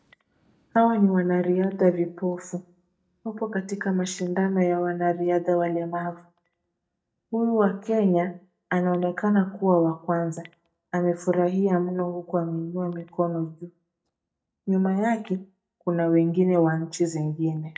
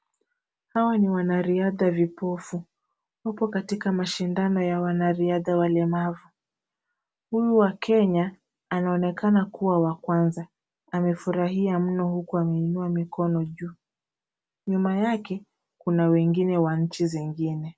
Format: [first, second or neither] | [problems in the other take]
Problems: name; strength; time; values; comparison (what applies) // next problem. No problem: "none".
second | noise reduction (neural mask model DeepFilterNet 3)